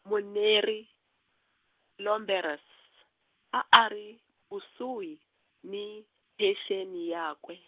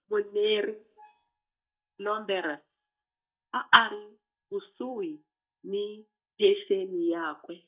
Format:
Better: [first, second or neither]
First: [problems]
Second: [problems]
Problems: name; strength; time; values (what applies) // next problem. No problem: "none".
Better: first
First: none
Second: noise reduction (neural mask model DeepFilterNet 3)